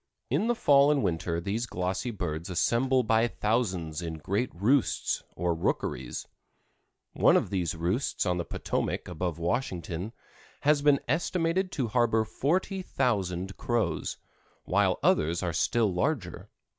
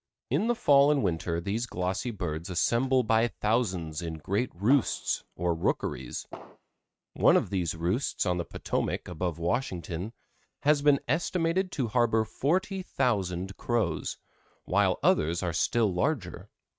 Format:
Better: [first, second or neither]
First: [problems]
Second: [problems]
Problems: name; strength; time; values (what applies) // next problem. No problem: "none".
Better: first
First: none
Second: noise reduction (neural mask model RNNoise)